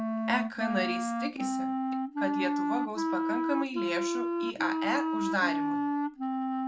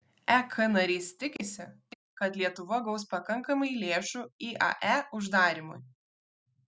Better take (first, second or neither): second